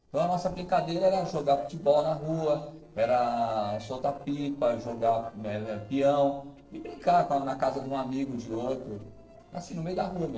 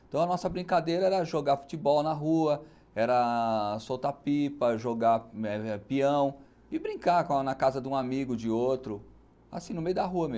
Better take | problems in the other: second | noise reduction (neural separator model SepFormer DNS4)

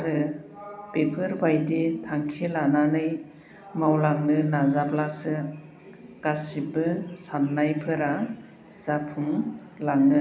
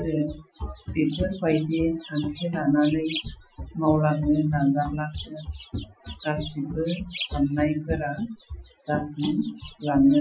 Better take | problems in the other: first | noise reduction (classical method Wiener filter)

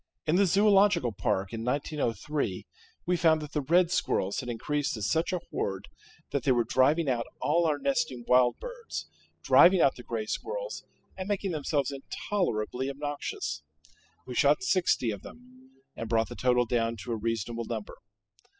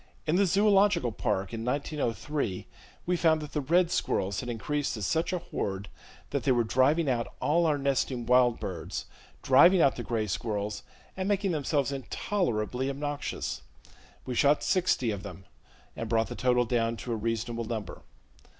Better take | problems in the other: second | noise reduction (classical method spectral subtraction)

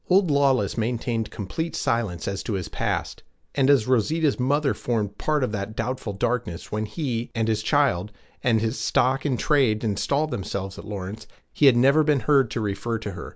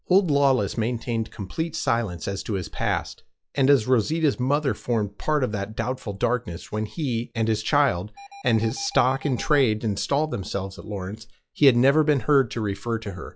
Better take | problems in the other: first | noise reduction (classical method log-MMSE)

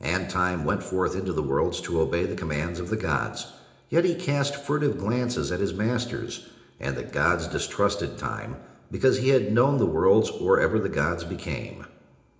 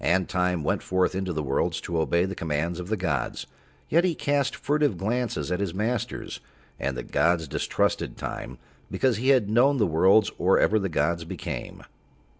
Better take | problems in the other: second | room echo; dies away in 0.8 s

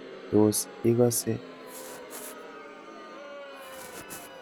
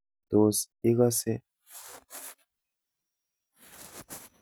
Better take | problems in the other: second | background sound (Crowd); 14 dB below the speech

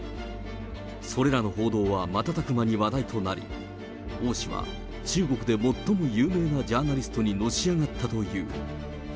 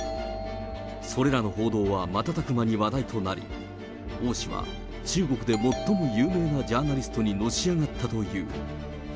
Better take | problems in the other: first | background sound (Doorbell); 14 dB below the speech

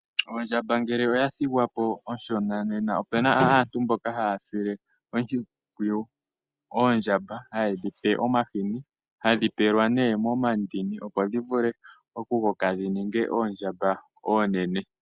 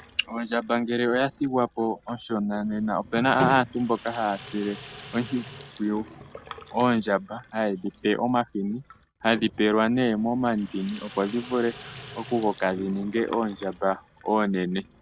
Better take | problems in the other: first | background sound (Sink (filling or washing)); 20 dB below the speech

